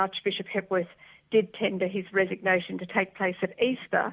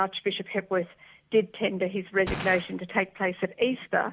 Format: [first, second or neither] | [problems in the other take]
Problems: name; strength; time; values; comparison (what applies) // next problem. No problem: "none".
first | background sound (Gunshot, gunfire); 10 dB below the speech